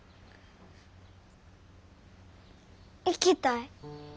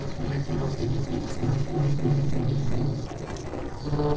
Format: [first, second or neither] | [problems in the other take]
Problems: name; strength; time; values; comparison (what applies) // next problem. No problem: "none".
first | noise reduction (neural separator model SepFormer DNS4)